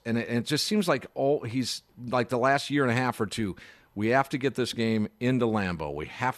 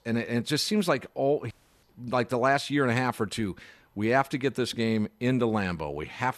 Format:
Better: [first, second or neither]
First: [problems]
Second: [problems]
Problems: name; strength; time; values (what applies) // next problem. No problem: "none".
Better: first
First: none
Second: audio cutting out; at 1.5 s